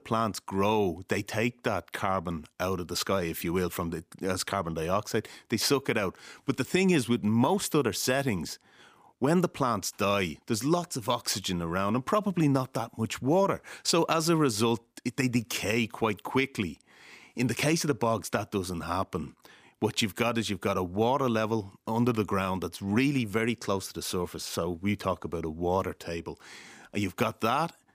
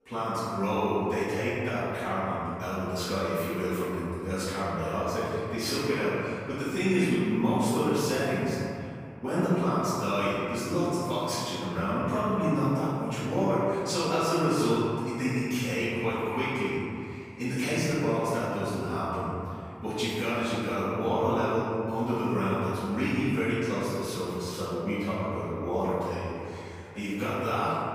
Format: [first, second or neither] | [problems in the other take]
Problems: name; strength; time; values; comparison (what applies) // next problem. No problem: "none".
first | room echo; strong; dies away in 2.4 s // off-mic speech; far